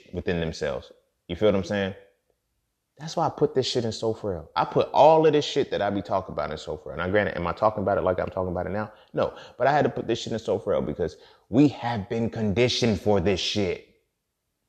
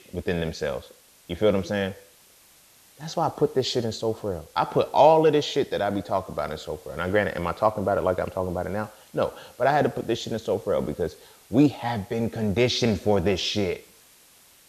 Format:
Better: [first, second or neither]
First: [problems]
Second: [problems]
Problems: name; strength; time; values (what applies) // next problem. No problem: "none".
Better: first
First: none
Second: hiss; faint; throughout; 25 dB below the speech